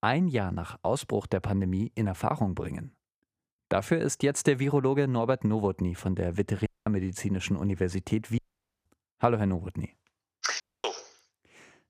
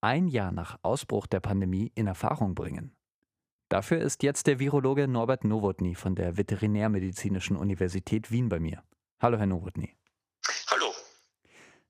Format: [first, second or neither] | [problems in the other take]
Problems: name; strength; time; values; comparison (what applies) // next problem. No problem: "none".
second | audio cutting out; at 6.5 s, at 8.5 s and at 11 s